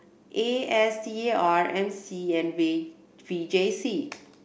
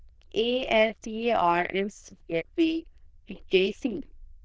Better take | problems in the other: first | noise reduction (neural diffusion model UNIVERSE++)

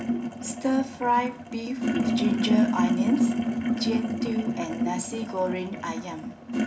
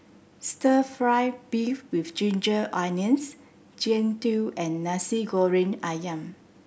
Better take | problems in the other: second | background sound (Sink (filling or washing)); 3 dB above the speech // room echo; dies away in 0.2 s

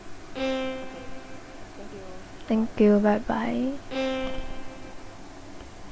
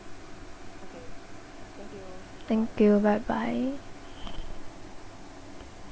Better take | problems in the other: second | background sound (Bowed string instrument); 6 dB below the speech

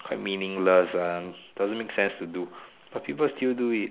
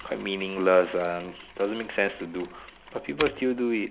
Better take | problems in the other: first | background sound (Mechanisms); 16 dB below the speech

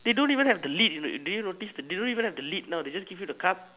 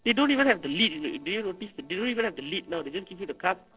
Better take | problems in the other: first | noise reduction (neural separator model SepFormer DNS4)

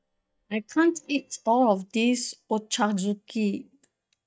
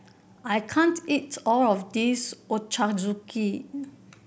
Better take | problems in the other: second | noise reduction (neural mask model DeepFilterNet 3)

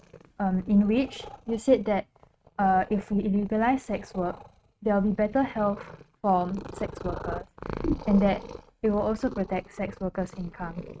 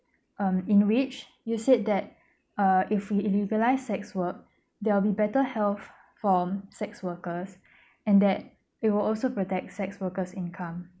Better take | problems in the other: second | noise reduction (neural mask model RNNoise)

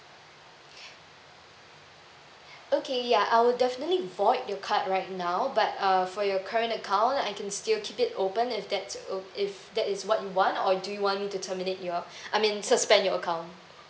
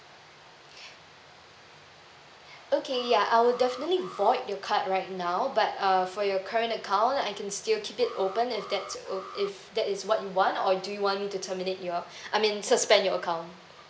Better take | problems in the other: first | background sound (Alarm); 15 dB below the speech

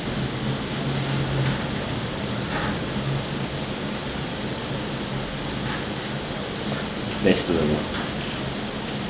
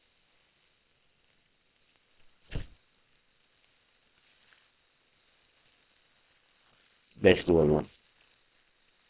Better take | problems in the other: first | noise reduction (neural separator model SepFormer WHAM!)

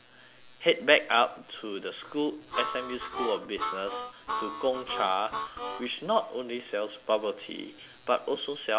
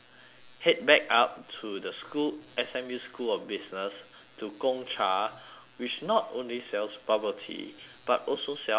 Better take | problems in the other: second | background sound (Harmonica); 5 dB below the speech

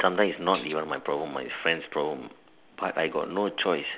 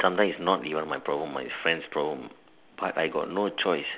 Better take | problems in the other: second | background sound (Tambourine); 15 dB below the speech

